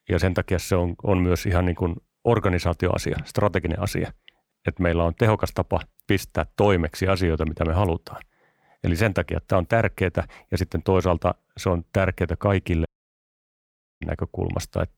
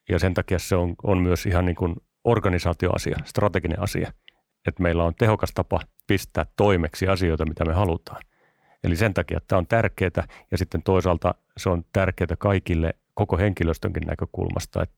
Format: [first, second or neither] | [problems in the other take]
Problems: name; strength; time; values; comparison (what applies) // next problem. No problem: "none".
second | audio cutting out; at 13 s for 1 s